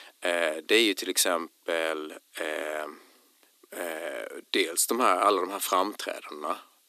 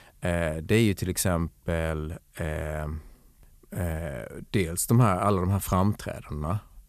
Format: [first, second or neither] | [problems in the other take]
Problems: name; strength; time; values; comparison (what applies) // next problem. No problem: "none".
second | thin; very; fading below 250 Hz